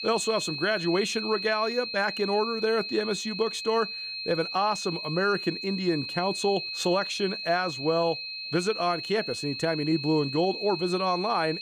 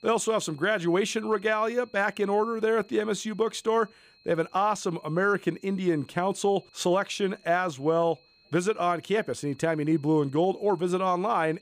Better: second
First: high-pitched whine; loud; throughout; 4 kHz, 5 dB below the speech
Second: high-pitched whine; faint; throughout; 4 kHz, 30 dB below the speech

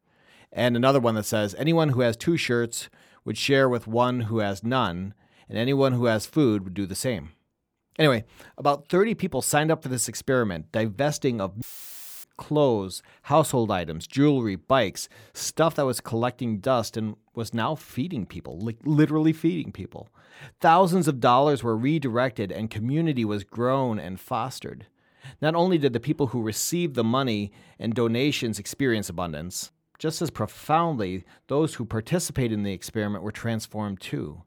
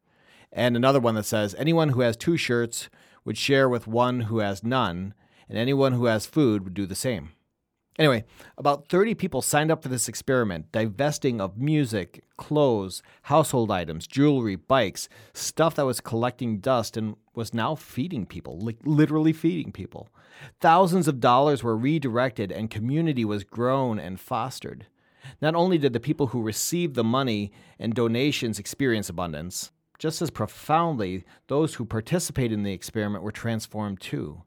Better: second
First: audio cutting out; filled with static; at 12 s for 0.5 s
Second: none

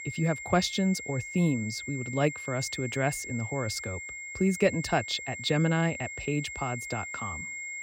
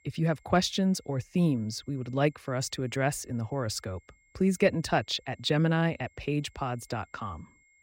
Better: second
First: high-pitched whine; loud; throughout; 2 kHz, 8 dB below the speech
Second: high-pitched whine; faint; throughout; 2 kHz, 35 dB below the speech

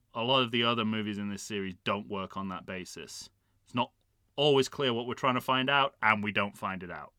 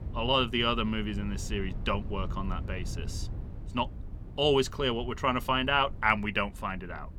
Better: first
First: none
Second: low rumble; faint; throughout; 25 dB below the speech

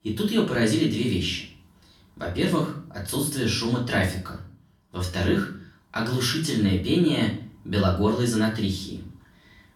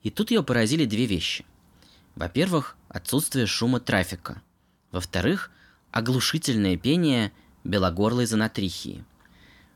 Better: second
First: off-mic speech; far // room echo; slight; dies away in 0.4 s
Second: none

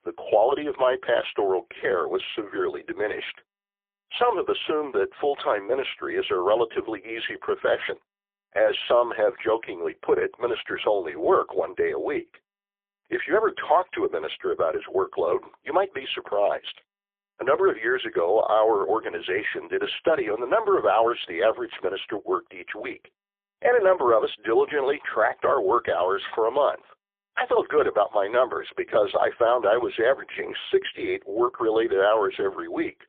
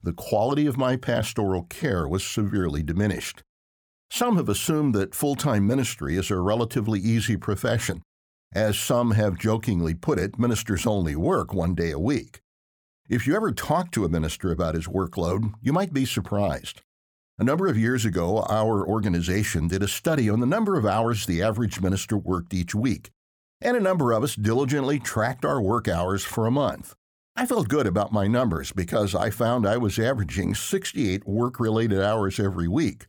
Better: second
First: phone-call audio; poor line; nothing above 3 kHz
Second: none

